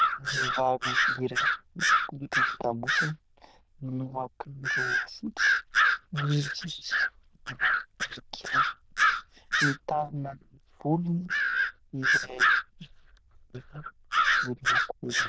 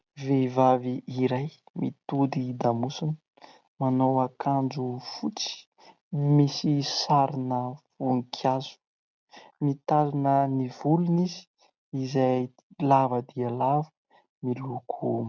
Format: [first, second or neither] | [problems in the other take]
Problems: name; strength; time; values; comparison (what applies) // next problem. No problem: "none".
second | noise reduction (neural diffusion model UNIVERSE++)